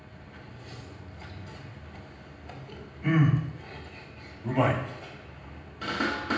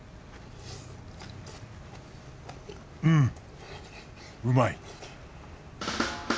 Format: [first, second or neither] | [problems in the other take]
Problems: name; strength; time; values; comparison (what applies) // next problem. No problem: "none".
second | room echo; dies away in 0.9 s